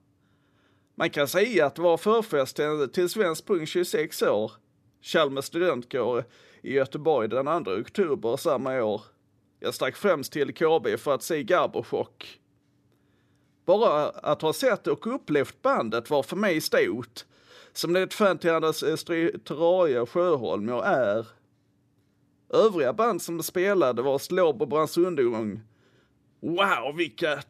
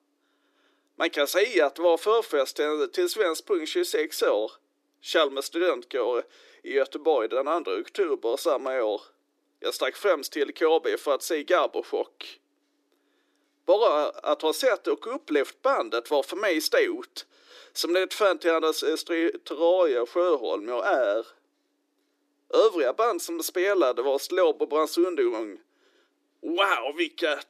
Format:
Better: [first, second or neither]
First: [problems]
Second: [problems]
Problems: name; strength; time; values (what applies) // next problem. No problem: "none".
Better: first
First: none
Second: thin; somewhat; fading below 300 Hz